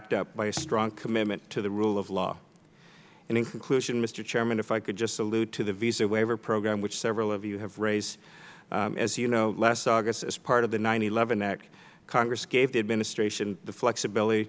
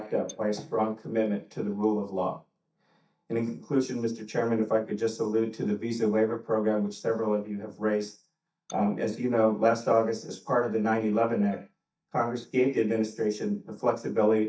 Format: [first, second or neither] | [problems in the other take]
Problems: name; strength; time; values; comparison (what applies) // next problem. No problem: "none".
first | noise reduction (neural mask model DeepFilterNet 3)